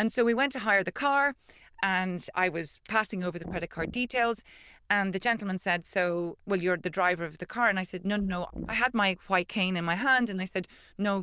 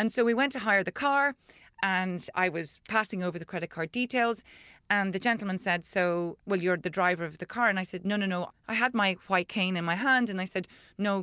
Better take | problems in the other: second | noise reduction (neural diffusion model UNIVERSE++)

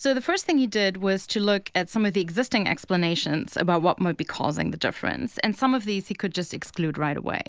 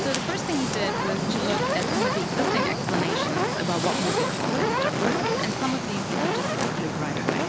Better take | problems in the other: first | background sound (Fire); 5 dB above the speech

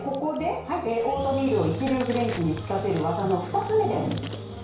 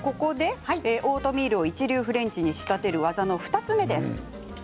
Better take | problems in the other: second | background sound (Engine / Drill); 10 dB below the speech // room echo; dies away in 0.6 s

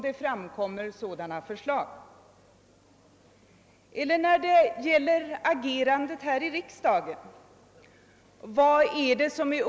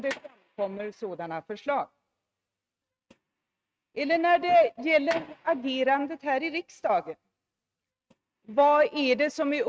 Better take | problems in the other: first | noise reduction (neural mask model RNNoise)

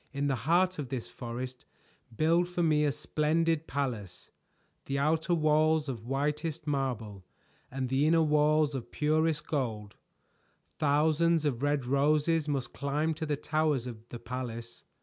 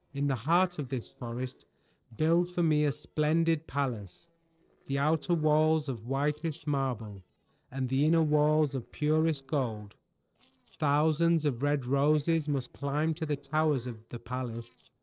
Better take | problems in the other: first | noise reduction (neural separator model SepFormer DNS4)

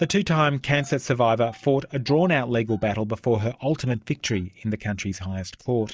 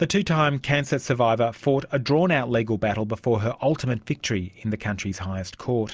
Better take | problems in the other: second | noise reduction (neural mask model DeepFilterNet 3)

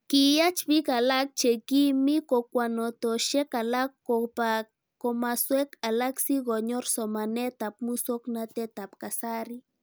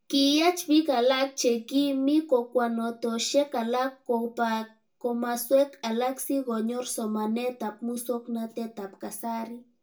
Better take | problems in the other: first | room echo; dies away in 0.2 s

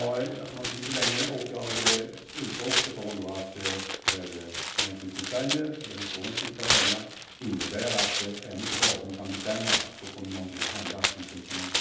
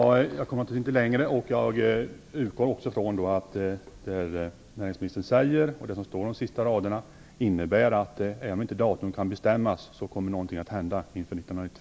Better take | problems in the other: second | background sound (Tearing); 4 dB above the speech // room echo; dies away in 0.8 s

